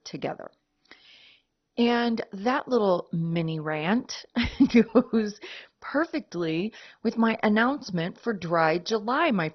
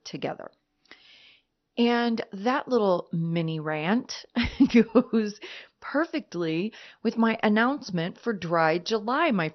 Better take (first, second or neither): second